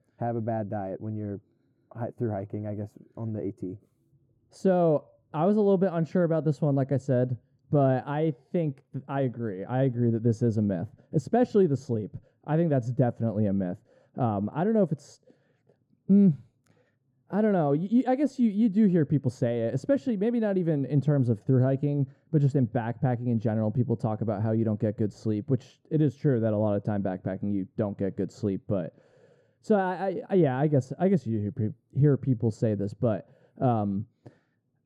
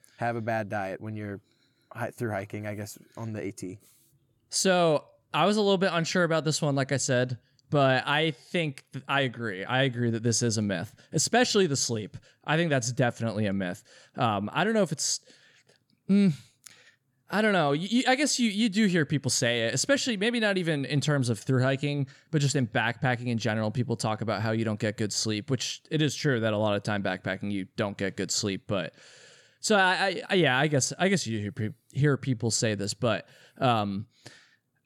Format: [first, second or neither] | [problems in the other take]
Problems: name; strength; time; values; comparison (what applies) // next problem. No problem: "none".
second | muffled; very; fading above 1.5 kHz